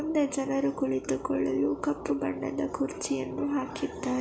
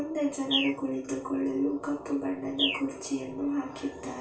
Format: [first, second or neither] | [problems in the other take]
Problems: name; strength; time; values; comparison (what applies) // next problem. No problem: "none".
first | background sound (Bird); 6 dB below the speech // room echo; dies away in 0.4 s